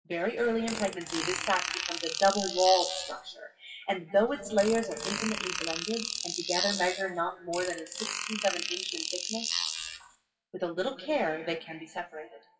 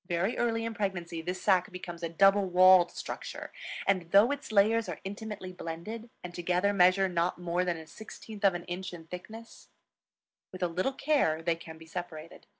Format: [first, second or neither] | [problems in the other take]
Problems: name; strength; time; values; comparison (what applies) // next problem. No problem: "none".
second | noise reduction (classical method WPE with log-MMSE)